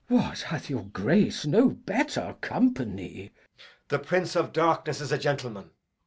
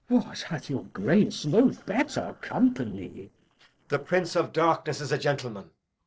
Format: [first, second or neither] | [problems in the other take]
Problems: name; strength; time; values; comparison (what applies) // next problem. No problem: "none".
first | noise reduction (neural separator model SepFormer DNS4)